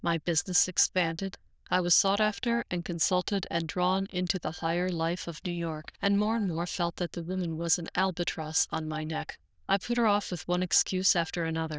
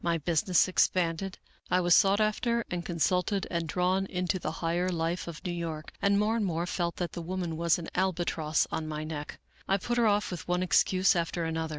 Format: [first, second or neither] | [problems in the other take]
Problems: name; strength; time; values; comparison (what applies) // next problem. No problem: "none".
second | noise reduction (neural diffusion model UNIVERSE++)